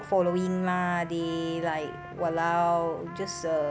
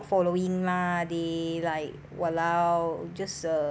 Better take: second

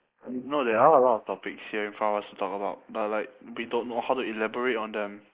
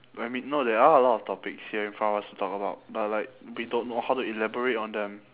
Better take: second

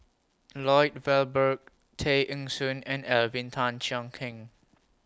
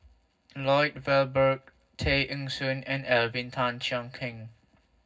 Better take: first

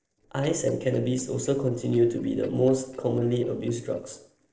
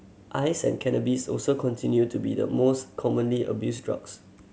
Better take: second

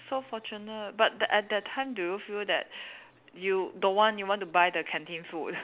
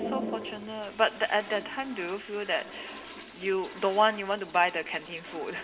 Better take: first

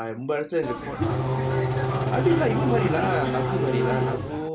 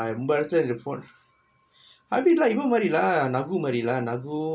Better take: second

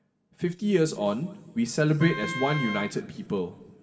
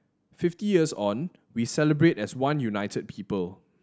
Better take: second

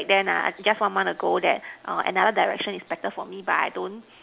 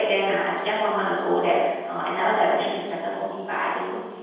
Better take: first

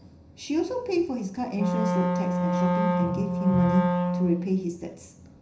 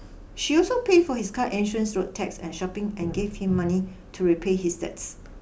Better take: second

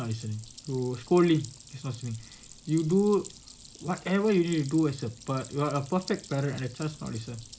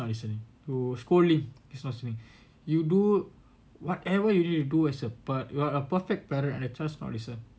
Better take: second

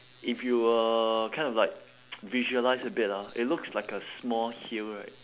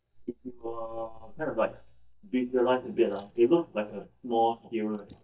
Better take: first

